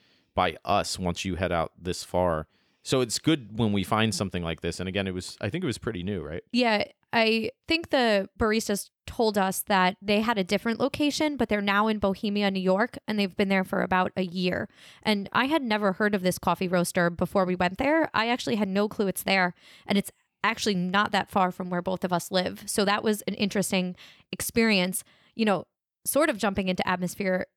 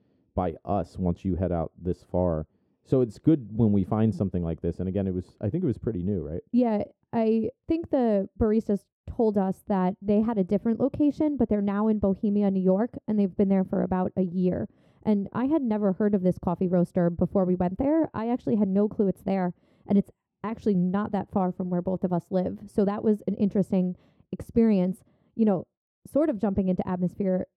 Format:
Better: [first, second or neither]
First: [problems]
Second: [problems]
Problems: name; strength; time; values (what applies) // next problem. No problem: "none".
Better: first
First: none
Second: muffled; very; fading above 1 kHz